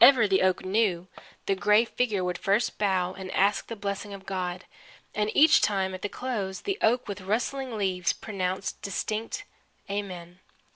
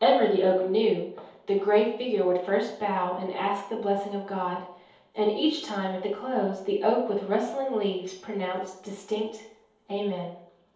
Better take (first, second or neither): first